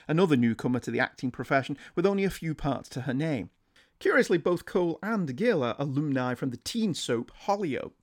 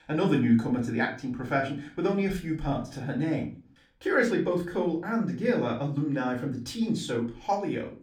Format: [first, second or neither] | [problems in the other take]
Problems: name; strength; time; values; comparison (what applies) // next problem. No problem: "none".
first | room echo; slight; dies away in 0.3 s // off-mic speech; far